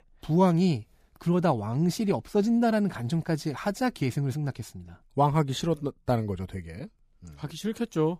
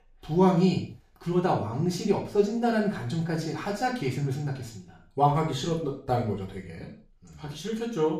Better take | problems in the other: first | room echo; noticeable; dies away in 0.4 s // off-mic speech; far

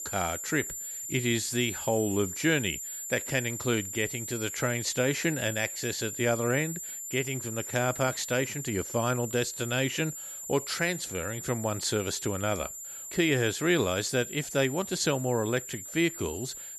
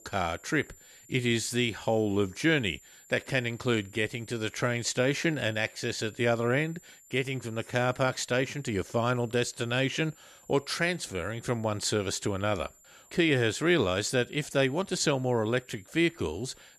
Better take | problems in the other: second | high-pitched whine; loud; throughout; 7 kHz, 7 dB below the speech; faint in the second

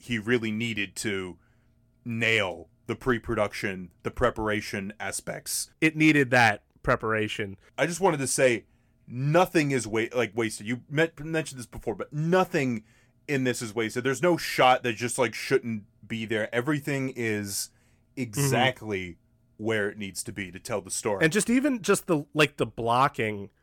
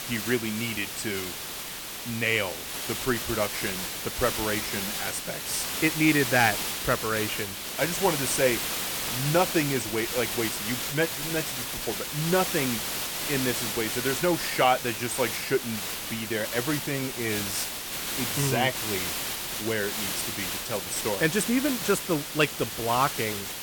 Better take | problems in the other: first | hiss; loud; throughout; 2 dB below the speech

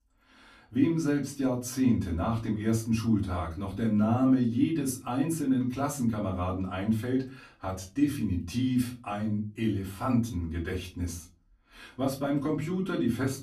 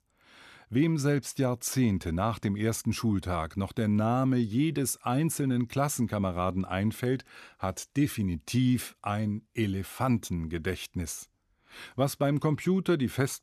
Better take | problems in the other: second | off-mic speech; far // room echo; very slight; dies away in 0.3 s

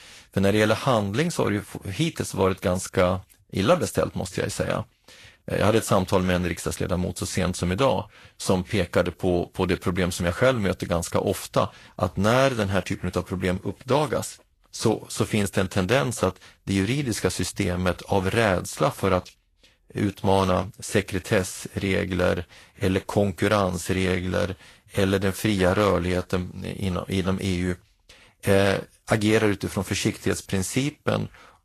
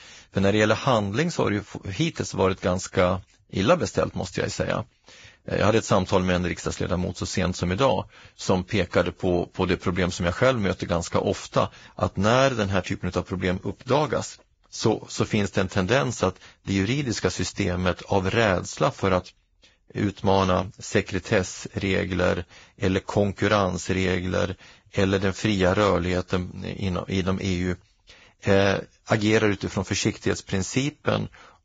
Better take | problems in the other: first | garbled, watery; badly; nothing above 7.5 kHz; slightly in the first

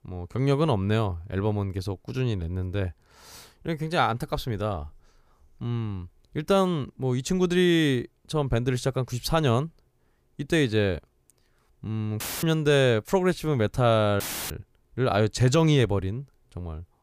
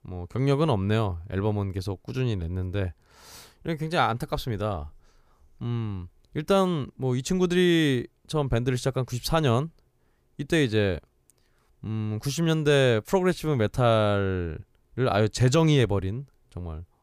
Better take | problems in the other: second | audio cutting out; filled with static; at 12 s and at 14 s

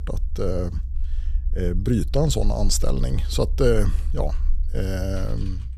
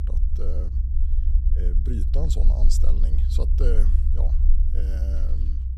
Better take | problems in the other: first | low rumble; loud; throughout; 5 dB below the speech; faint in the first

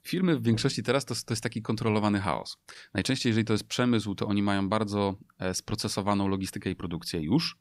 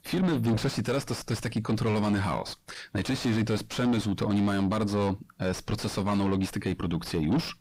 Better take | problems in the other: first | distortion; heavy; 5 dB below the speech

